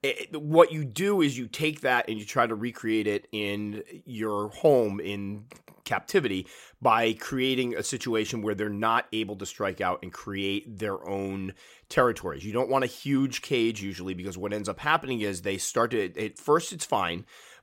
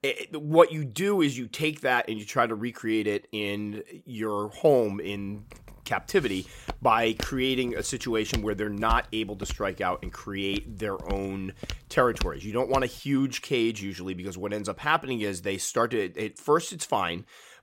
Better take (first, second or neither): first